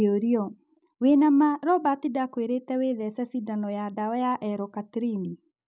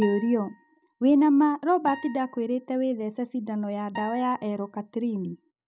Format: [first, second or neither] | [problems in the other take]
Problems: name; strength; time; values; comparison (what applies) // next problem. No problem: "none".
first | background sound (Acoustic guitar); 19 dB below the speech